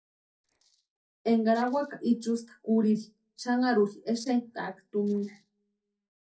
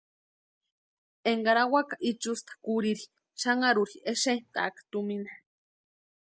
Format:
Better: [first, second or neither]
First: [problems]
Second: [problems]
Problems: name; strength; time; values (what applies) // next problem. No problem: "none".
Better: second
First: noise reduction (neural separator model SepFormer DNS4)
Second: none